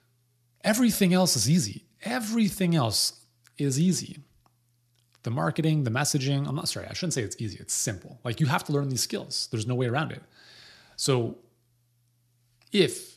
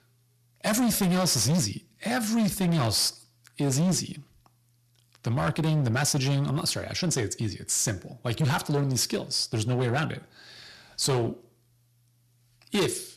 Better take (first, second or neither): first